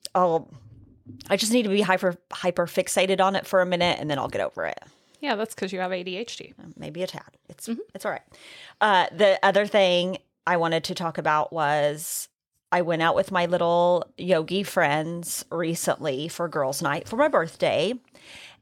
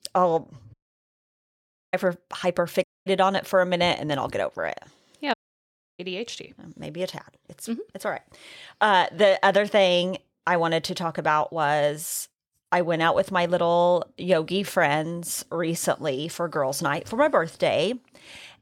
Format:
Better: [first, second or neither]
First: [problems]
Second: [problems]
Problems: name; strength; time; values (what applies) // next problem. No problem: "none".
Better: first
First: none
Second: audio cutting out; at 0.5 s for 1 s, at 3 s and at 5.5 s for 0.5 s